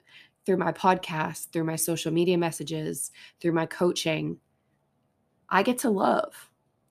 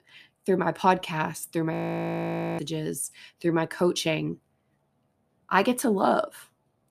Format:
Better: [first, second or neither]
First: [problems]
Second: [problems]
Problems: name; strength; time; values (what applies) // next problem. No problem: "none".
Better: first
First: none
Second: audio freezing; at 1.5 s for 1 s